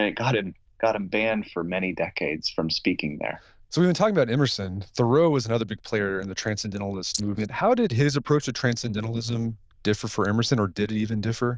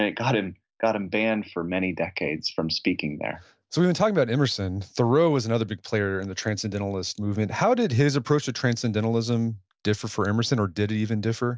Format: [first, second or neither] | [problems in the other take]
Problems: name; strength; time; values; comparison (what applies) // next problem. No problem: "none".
second | noise reduction (neural diffusion model UNIVERSE++)